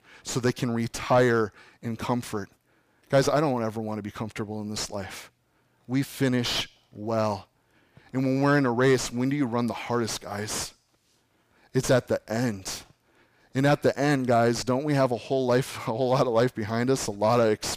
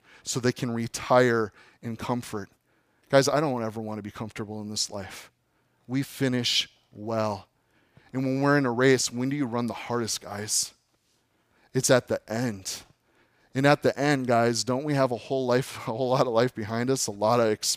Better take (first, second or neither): second